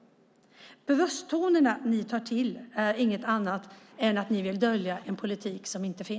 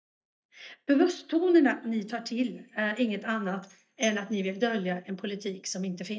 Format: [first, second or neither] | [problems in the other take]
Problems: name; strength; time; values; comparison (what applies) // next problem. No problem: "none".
first | noise reduction (neural mask model DeepFilterNet 3)